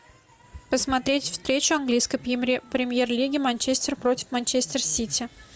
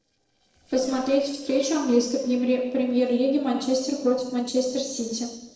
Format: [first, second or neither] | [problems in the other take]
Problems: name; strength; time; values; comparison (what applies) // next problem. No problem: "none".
first | noise reduction (neural separator model SepFormer DNS4)